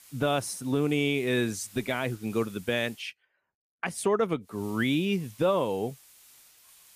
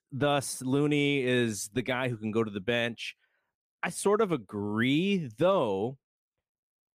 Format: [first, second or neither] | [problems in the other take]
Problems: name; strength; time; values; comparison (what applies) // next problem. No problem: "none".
second | hiss; faint; until 3 s and from 4.5 s on; 20 dB below the speech